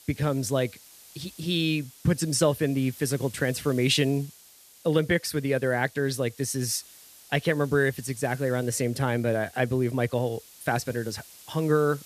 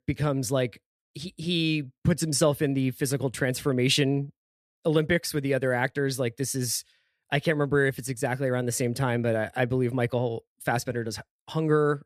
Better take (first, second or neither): second